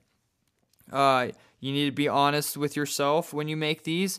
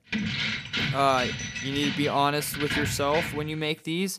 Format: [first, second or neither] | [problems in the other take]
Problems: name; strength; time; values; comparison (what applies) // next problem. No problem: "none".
first | jangling keys; loud; until 3.5 s; peak level with the speech